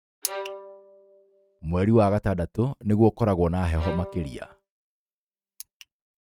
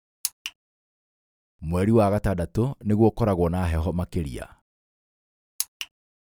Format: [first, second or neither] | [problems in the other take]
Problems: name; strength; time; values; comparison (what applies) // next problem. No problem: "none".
second | noise reduction (neural mask model RNNoise)